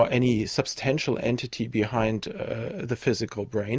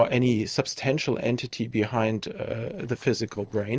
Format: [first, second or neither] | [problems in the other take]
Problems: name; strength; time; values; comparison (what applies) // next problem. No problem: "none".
first | noise reduction (neural separator model SepFormer DNS4)